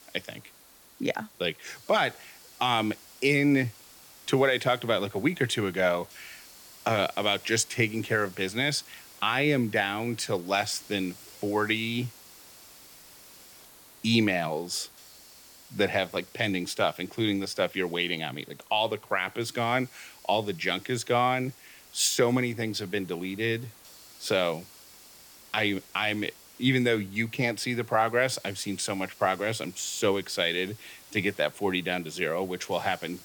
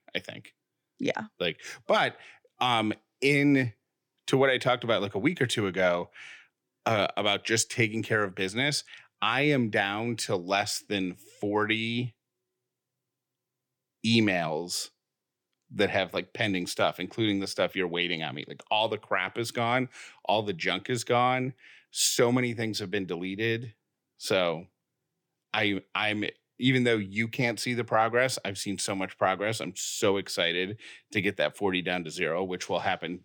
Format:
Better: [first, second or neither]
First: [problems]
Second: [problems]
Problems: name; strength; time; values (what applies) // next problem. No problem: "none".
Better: second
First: hiss; faint; throughout; 20 dB below the speech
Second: none